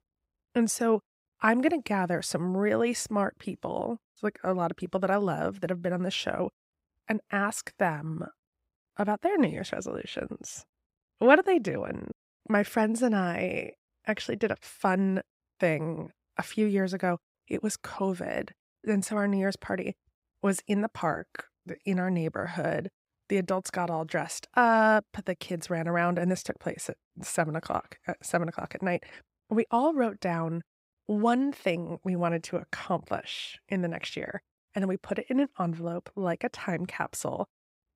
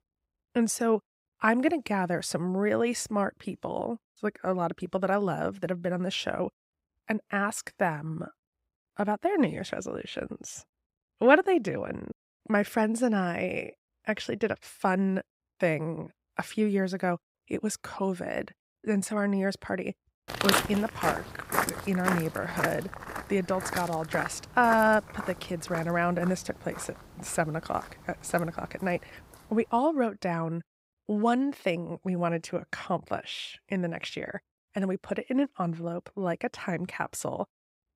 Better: first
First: none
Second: footsteps; loud; from 20 to 26 s; peak 5 dB above the speech

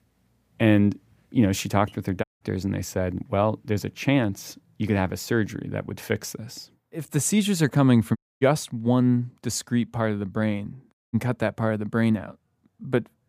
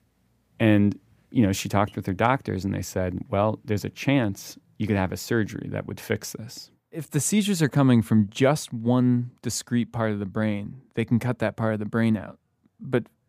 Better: second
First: audio cutting out; at 2 s, at 8 s and at 11 s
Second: none

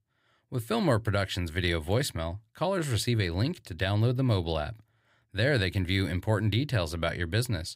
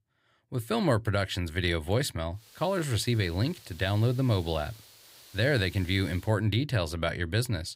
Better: first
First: none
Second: hiss; faint; from 2.5 to 6.5 s; 20 dB below the speech

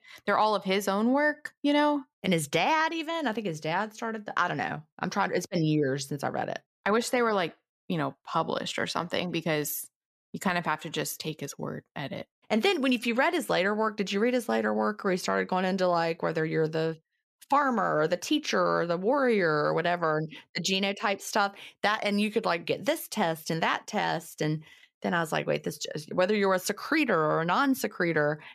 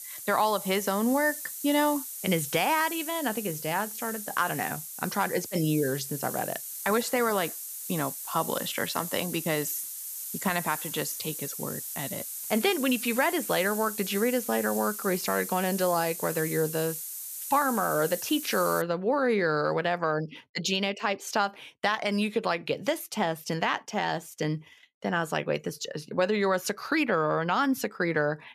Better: first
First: none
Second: hiss; loud; until 19 s; 6 dB below the speech

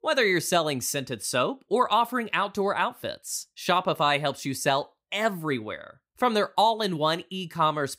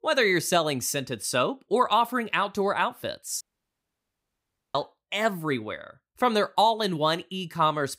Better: first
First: none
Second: audio cutting out; at 3.5 s for 1.5 s

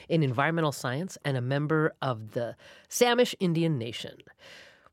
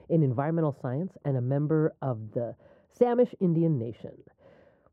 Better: first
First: none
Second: muffled; very; fading above 1.5 kHz

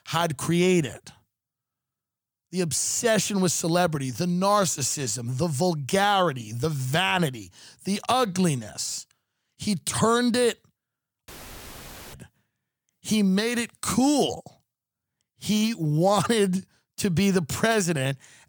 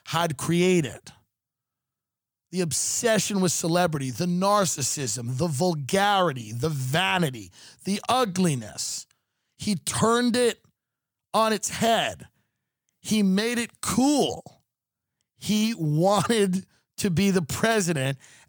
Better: second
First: audio cutting out; filled with static; at 11 s for 1 s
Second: none

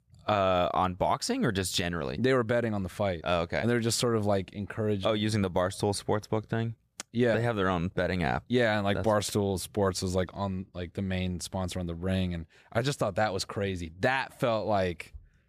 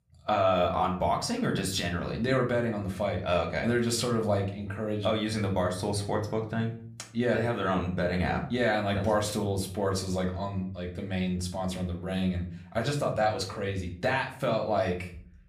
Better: first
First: none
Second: room echo; slight; dies away in 0.4 s // off-mic speech; somewhat distant

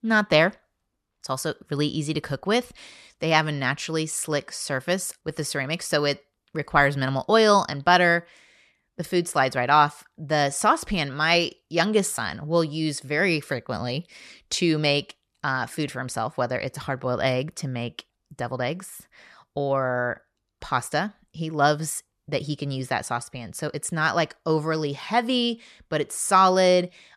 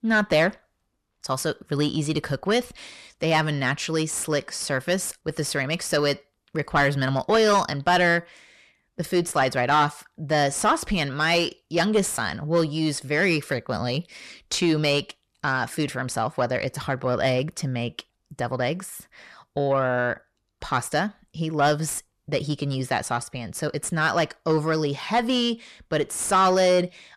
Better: first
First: none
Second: distortion; slight; 10 dB below the speech

